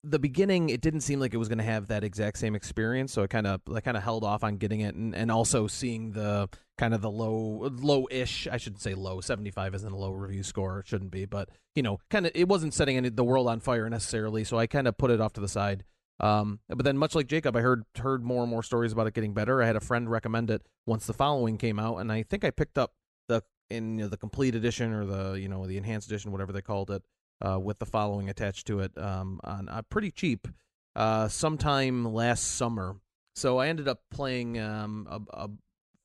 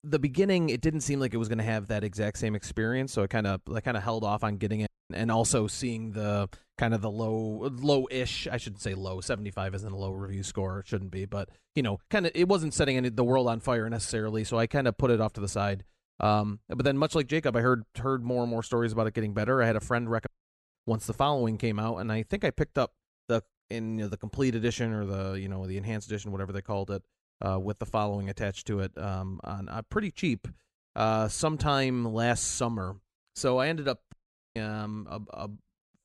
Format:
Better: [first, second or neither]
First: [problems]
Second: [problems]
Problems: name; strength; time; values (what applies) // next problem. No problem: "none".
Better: first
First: none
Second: audio cutting out; at 5 s, at 20 s and at 34 s